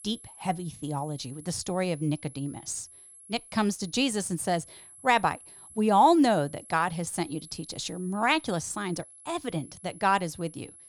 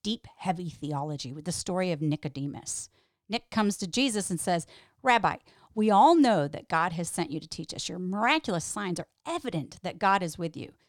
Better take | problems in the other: second | high-pitched whine; noticeable; throughout; 11 kHz, 20 dB below the speech

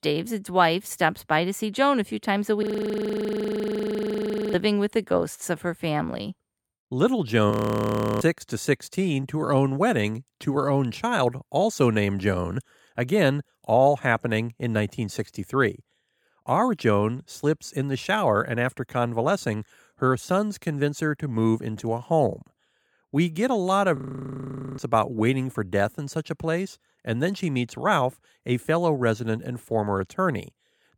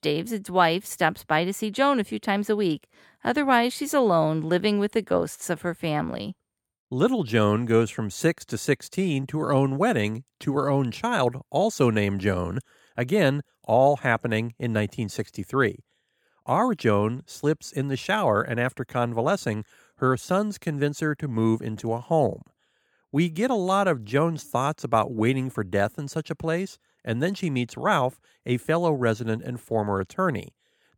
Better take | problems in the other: second | audio freezing; at 2.5 s for 2 s, at 7.5 s for 0.5 s and at 24 s for 1 s

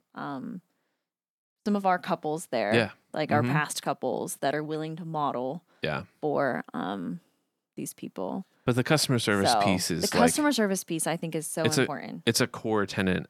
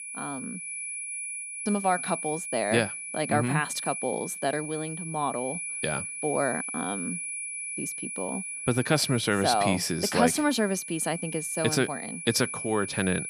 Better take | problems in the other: first | high-pitched whine; loud; throughout; 10 kHz, 5 dB below the speech

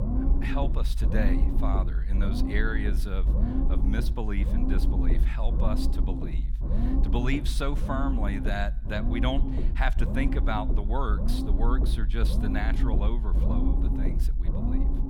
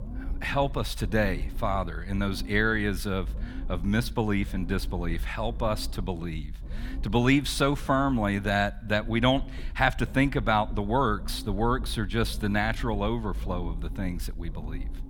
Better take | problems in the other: second | low rumble; loud; throughout; 5 dB below the speech; faint in the second

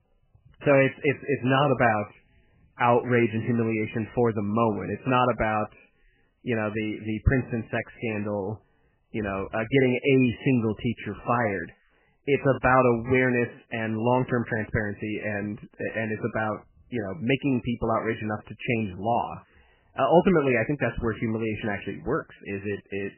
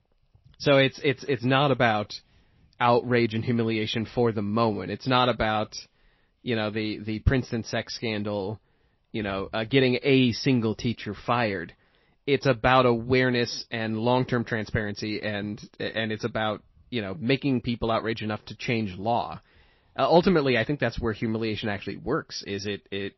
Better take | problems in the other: second | garbled, watery; badly; nothing above 3 kHz; slightly in the second

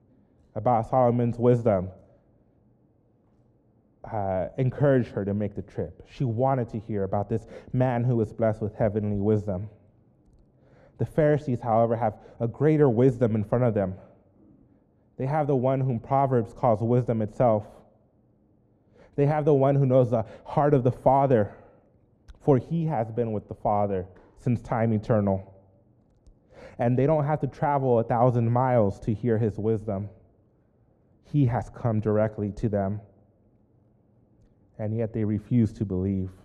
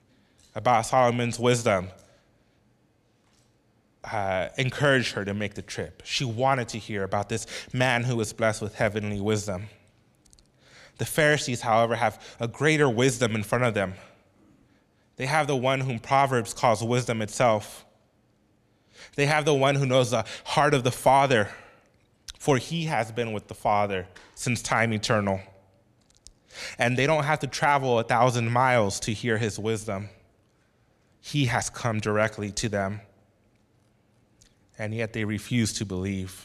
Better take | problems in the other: second | muffled; very; fading above 1.5 kHz

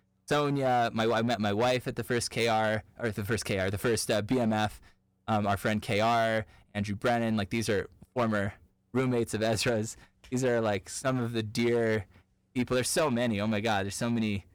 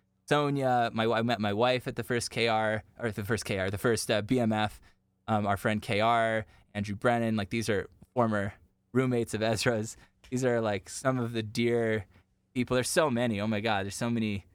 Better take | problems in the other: second | distortion; slight; 8% of the sound clipped

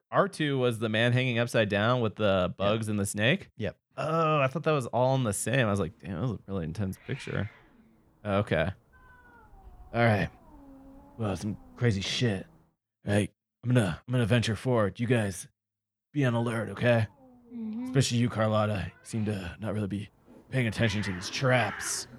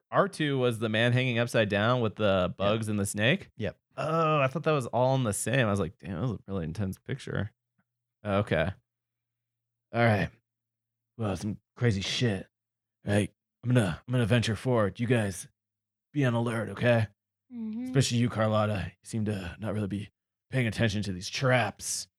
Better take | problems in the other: second | hiss; noticeable; from 5 to 13 s and from 16 s on; 20 dB below the speech

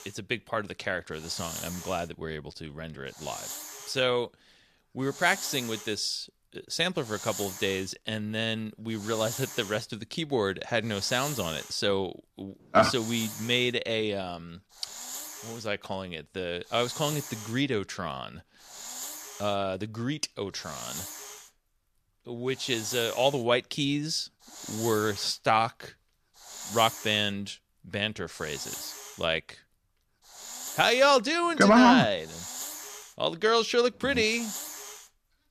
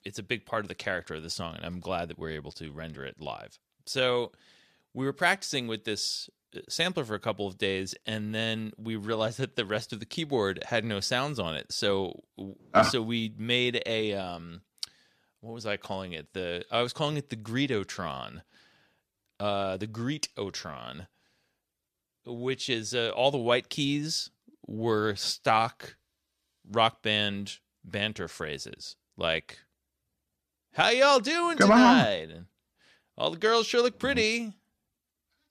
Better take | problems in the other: second | hiss; noticeable; throughout; 10 dB below the speech

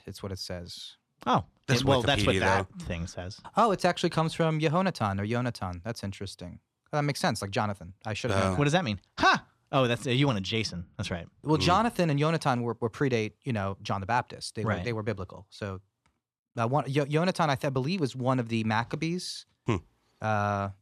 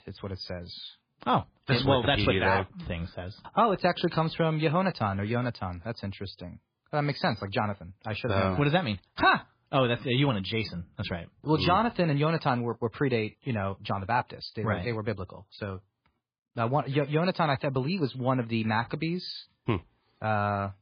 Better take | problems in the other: first | garbled, watery; badly

